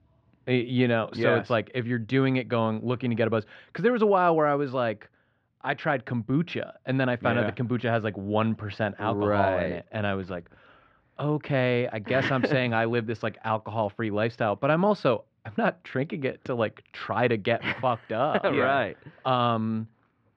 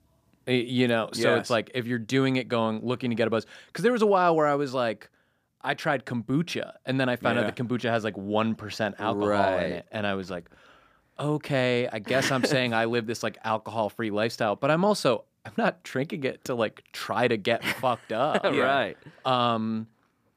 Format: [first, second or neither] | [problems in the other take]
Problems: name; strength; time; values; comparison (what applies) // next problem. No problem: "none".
second | muffled; slightly; fading above 3 kHz